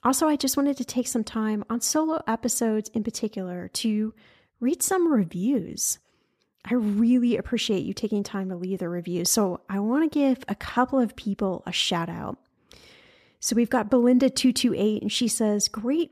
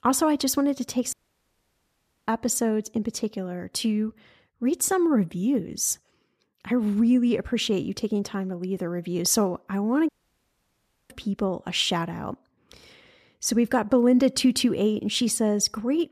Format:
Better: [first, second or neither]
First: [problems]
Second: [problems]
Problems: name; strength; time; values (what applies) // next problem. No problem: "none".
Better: first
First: none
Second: audio cutting out; at 1 s for 1 s and at 10 s for 1 s